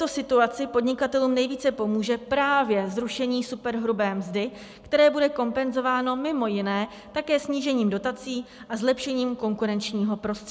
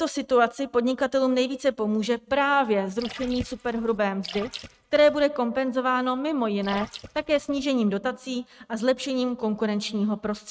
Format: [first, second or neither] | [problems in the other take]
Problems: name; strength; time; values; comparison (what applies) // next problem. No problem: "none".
first | noise reduction (neural mask model RNNoise)